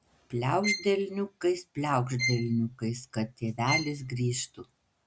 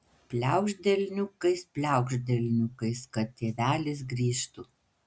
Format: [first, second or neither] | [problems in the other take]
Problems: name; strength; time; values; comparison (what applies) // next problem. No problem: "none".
second | background sound (Bowed string instrument); 7 dB below the speech